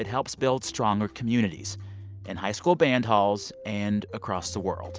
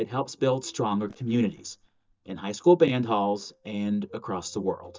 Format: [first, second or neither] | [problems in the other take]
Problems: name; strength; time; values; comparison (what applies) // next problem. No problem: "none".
first | noise reduction (neural mask model DeepFilterNet 3)